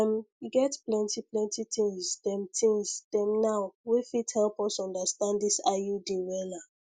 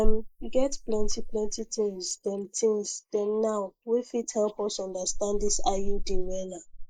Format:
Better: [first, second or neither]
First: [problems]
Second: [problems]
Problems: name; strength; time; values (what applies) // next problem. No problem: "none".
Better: first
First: none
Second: noise reduction (neural mask model Resemble Enhance denoiser)